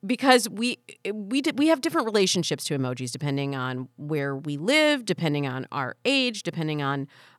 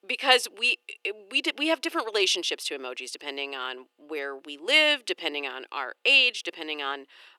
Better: first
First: none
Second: thin; somewhat; fading below 350 Hz

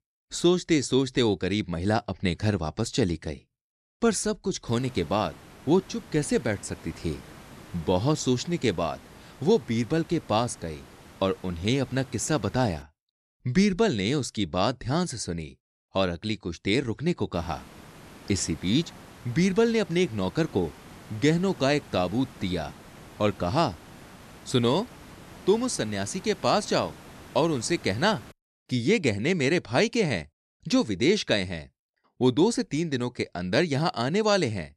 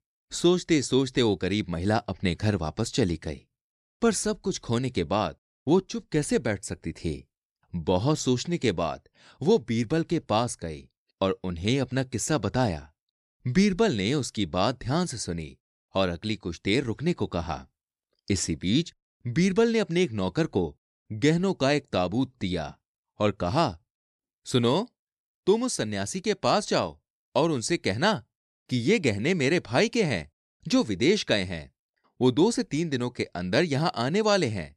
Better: second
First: hiss; faint; from 4.5 to 13 s and from 17 to 28 s; 20 dB below the speech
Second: none

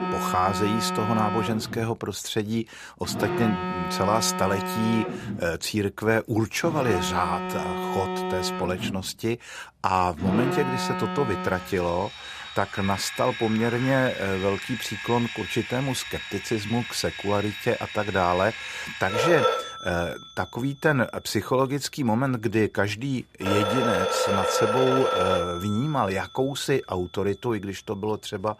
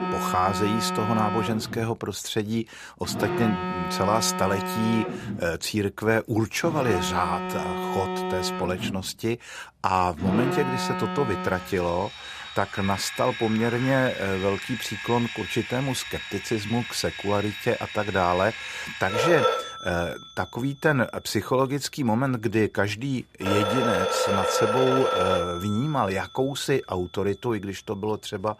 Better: neither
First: alarms or sirens; loud; throughout; 3 dB below the speech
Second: alarms or sirens; loud; throughout; 3 dB below the speech

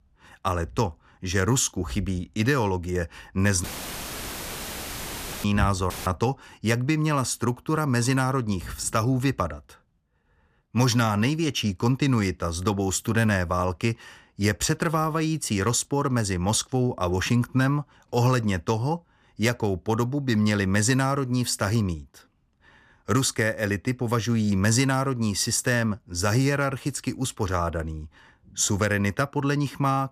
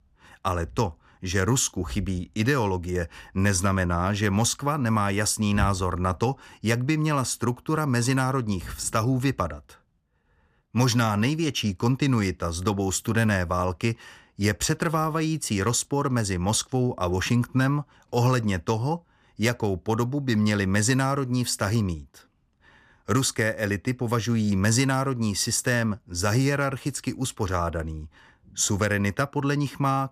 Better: second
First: audio cutting out; filled with static; at 3.5 s for 2 s and at 6 s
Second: none

